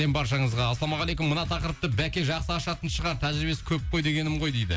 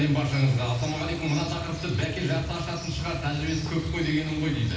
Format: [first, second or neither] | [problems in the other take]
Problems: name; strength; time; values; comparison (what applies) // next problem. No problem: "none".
first | background sound (Bird); 14 dB below the speech // room echo; dies away in 0.8 s